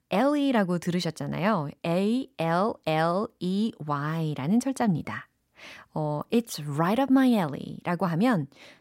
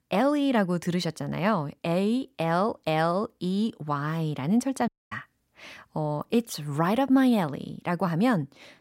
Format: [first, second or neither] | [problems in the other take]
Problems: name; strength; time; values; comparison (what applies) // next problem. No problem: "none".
first | audio cutting out; at 5 s